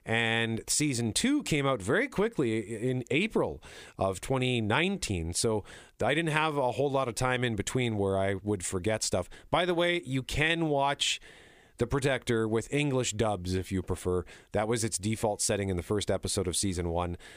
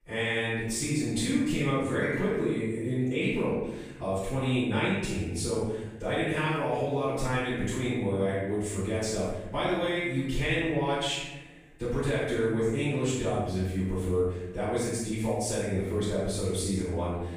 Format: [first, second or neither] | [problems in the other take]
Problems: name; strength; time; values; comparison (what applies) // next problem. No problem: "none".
first | room echo; strong; dies away in 1.1 s // off-mic speech; far